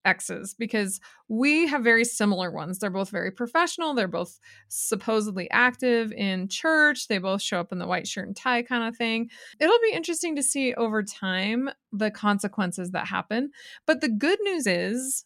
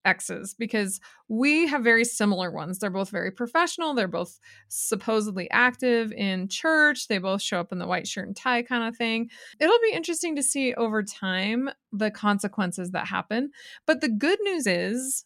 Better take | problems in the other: neither | none

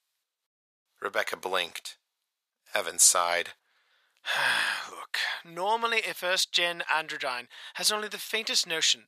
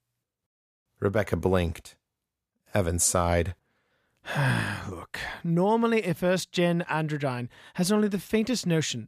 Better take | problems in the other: second | thin; very; fading below 950 Hz

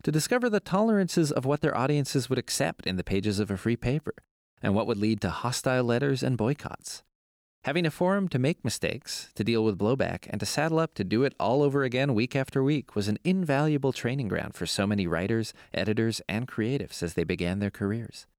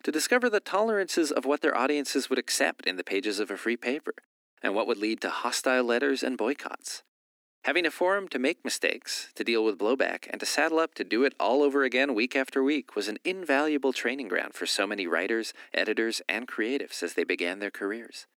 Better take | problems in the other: first | thin; somewhat; fading below 250 Hz

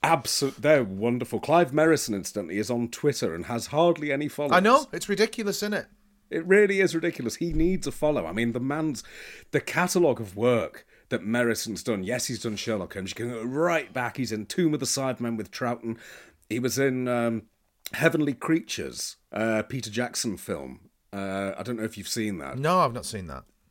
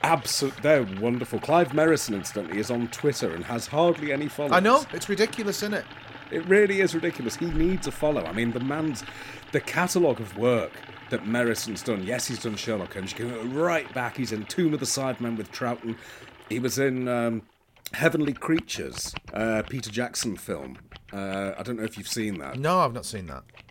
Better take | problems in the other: first | household noises; noticeable; throughout; 15 dB below the speech

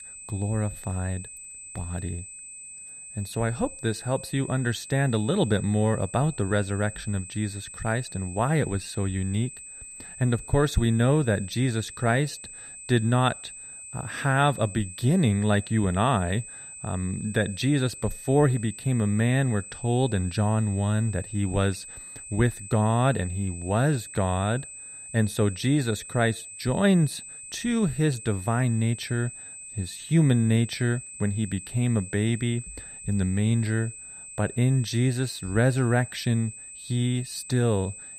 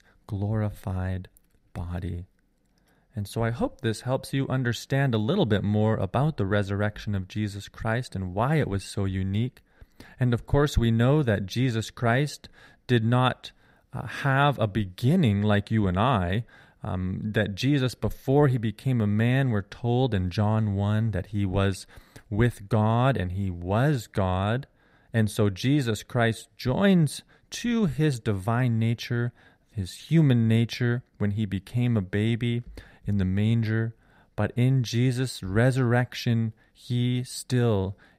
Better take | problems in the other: second | high-pitched whine; noticeable; throughout; 8.5 kHz, 15 dB below the speech

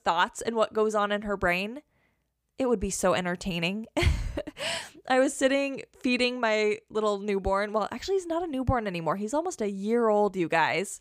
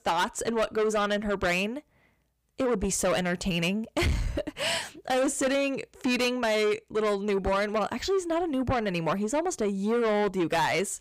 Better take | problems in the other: first | distortion; heavy; 8 dB below the speech

